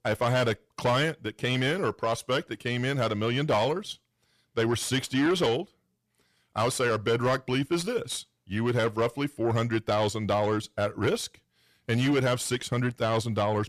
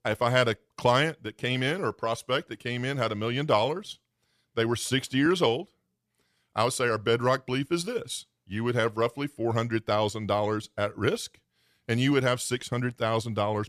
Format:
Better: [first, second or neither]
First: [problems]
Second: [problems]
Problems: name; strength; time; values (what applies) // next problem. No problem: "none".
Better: second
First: distortion; slight; 10 dB below the speech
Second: none